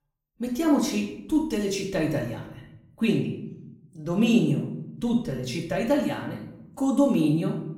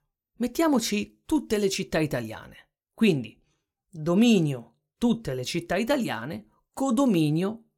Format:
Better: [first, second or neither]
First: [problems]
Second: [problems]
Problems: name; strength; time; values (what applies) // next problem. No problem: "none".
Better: second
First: room echo; noticeable; dies away in 0.7 s // off-mic speech; far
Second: none